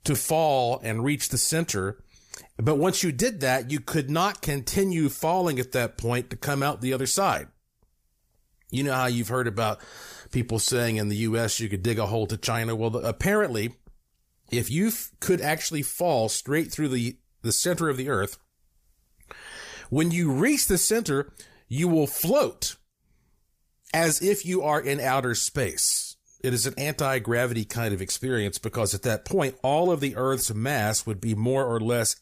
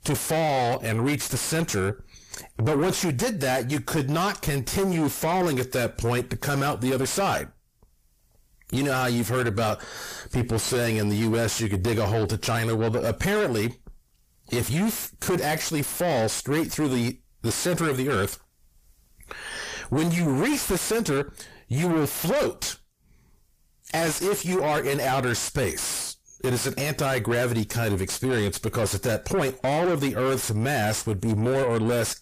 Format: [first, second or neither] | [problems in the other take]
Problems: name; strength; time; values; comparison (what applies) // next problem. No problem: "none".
first | distortion; heavy; 5 dB below the speech